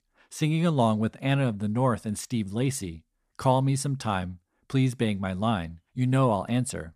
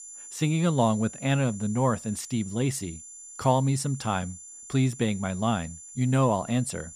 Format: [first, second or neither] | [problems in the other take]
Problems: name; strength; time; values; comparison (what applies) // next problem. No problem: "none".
first | high-pitched whine; noticeable; throughout; 7 kHz, 15 dB below the speech